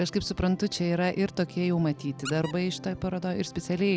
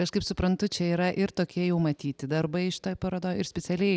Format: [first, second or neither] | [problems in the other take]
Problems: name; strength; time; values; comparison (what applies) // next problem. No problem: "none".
second | background sound (Squeak + Organ); 17 dB below the speech